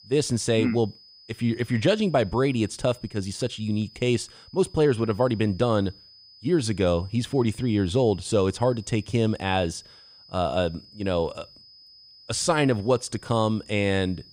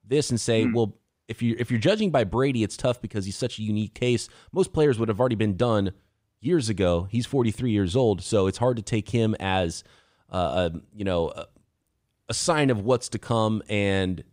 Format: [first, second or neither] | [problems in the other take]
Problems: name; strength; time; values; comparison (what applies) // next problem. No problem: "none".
second | high-pitched whine; faint; throughout; 5 kHz, 25 dB below the speech